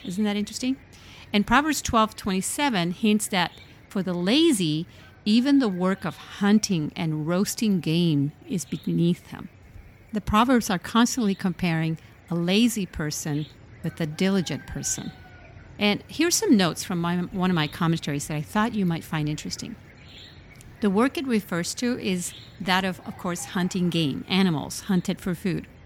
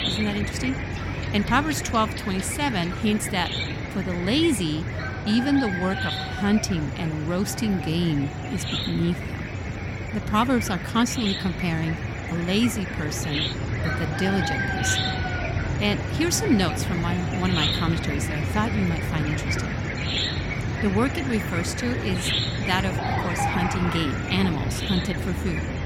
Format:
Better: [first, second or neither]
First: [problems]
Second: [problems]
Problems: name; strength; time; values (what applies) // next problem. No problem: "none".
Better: first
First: animal sounds; faint; throughout; 25 dB below the speech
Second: animal sounds; loud; throughout; 1 dB below the speech